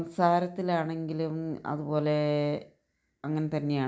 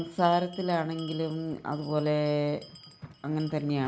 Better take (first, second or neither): first